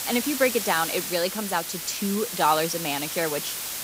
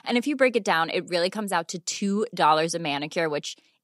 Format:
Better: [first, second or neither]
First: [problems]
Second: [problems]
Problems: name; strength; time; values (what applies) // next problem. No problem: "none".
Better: second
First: hiss; loud; throughout; 4 dB below the speech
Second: none